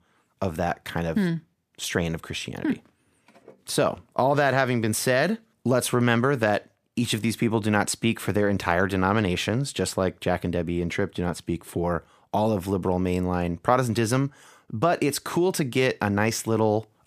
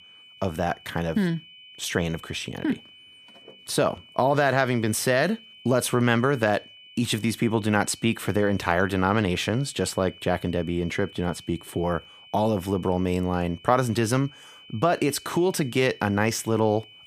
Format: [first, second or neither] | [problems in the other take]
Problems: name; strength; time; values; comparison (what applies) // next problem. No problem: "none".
first | high-pitched whine; faint; throughout; 3 kHz, 20 dB below the speech